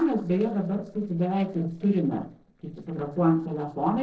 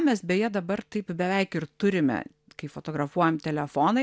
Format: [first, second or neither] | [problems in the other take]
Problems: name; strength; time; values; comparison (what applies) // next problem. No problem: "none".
second | noise reduction (neural separator model SepFormer DNS4)